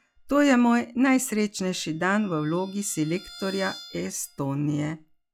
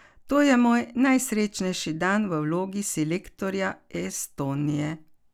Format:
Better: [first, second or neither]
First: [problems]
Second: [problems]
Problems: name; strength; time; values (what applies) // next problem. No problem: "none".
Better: second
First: noise reduction (classical method log-MMSE)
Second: none